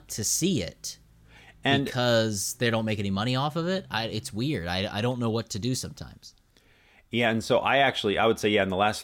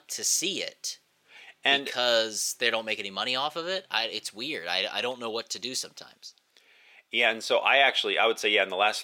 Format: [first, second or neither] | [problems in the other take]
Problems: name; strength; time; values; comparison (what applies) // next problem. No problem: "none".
first | thin; very; fading below 500 Hz